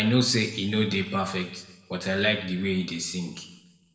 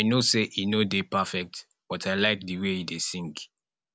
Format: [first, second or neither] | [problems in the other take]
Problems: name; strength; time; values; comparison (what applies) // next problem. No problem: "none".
second | room echo; dies away in 0.9 s